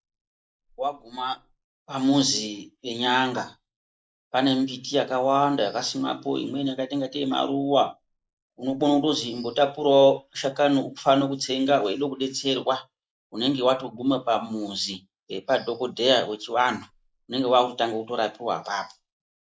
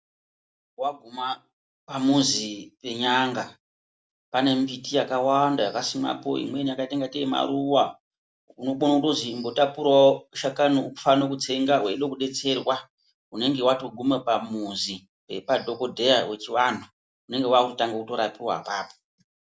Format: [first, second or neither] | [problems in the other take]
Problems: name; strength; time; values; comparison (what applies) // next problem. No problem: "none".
second | noise reduction (neural mask model Resemble Enhance denoiser)